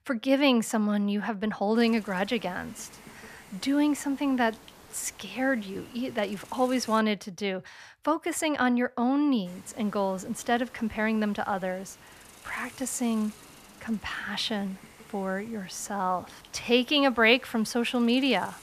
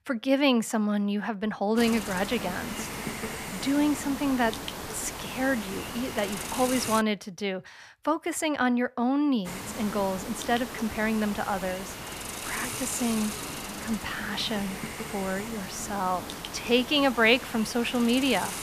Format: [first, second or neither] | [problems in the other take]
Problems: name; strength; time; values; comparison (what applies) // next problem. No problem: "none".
first | hiss; loud; from 2 to 7 s and from 9.5 s on; 8 dB below the speech; faint in the first